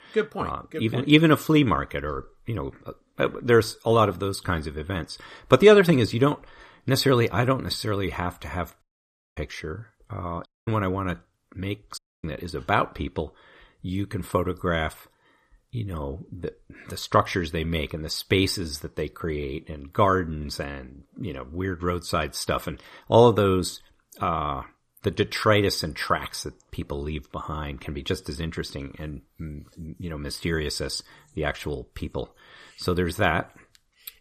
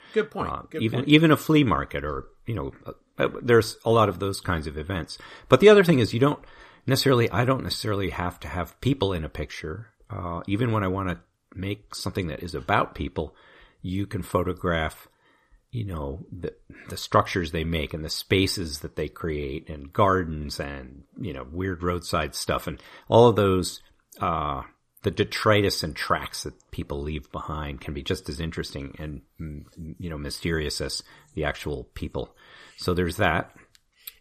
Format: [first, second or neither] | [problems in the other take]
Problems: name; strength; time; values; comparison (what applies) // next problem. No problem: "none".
second | audio cutting out; at 9 s for 0.5 s, at 10 s and at 12 s